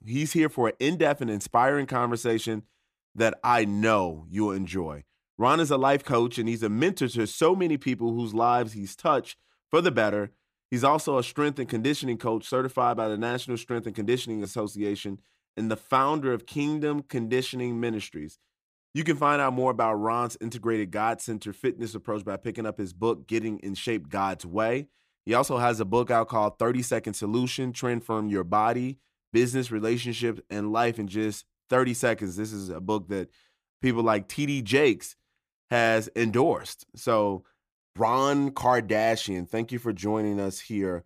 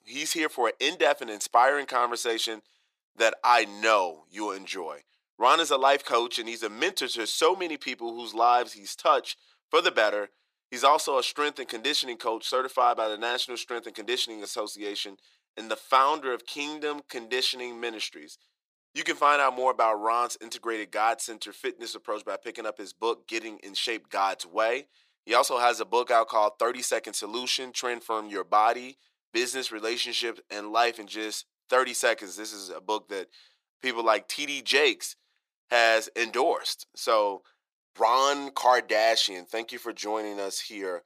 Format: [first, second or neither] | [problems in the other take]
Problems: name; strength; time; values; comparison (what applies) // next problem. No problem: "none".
first | thin; very; fading below 500 Hz